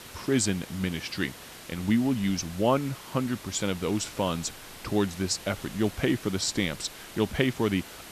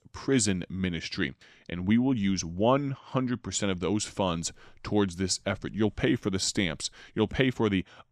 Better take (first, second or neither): second